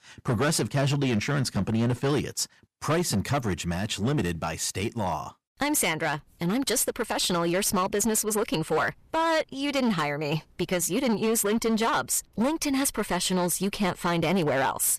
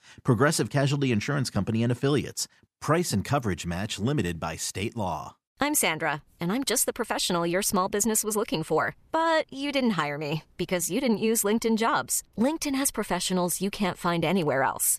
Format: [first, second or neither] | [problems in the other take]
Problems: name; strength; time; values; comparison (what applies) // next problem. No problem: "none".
second | distortion; slight; 12% of the sound clipped